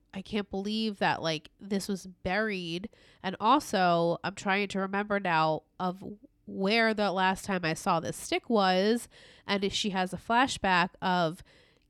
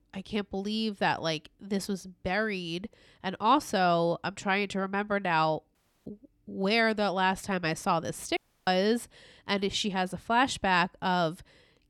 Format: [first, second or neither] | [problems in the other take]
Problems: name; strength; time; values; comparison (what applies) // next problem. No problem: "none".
first | audio cutting out; at 6 s and at 8.5 s